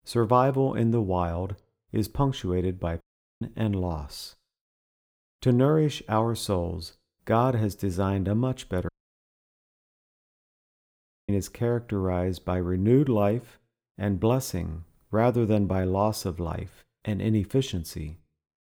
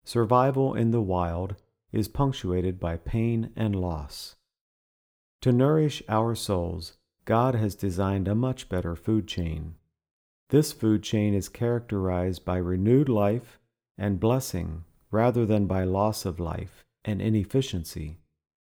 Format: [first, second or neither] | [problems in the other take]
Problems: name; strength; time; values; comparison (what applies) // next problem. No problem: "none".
second | audio cutting out; at 3 s and at 9 s for 2.5 s